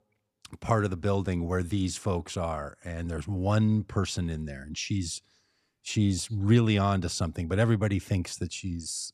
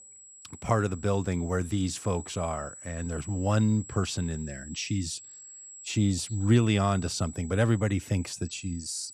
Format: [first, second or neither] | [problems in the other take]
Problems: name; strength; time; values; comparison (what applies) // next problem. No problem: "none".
first | high-pitched whine; noticeable; throughout; 8 kHz, 15 dB below the speech